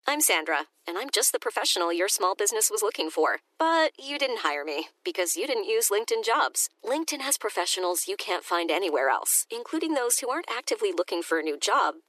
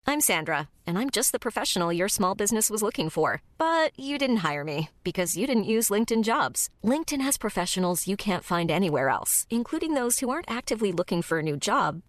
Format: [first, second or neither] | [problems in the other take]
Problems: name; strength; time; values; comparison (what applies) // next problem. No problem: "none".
second | thin; very; fading below 300 Hz